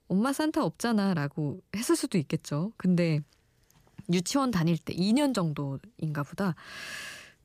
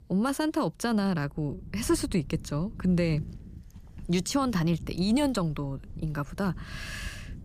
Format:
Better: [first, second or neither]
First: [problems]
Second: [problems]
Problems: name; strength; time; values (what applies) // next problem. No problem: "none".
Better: first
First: none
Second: wind noise on the microphone; occasional gusts; 25 dB below the speech